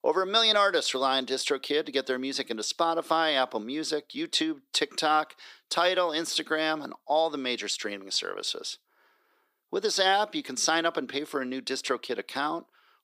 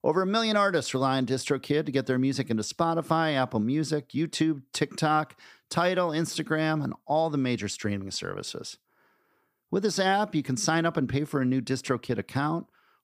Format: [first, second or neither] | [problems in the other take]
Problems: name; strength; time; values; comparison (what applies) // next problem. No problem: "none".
second | thin; somewhat; fading below 350 Hz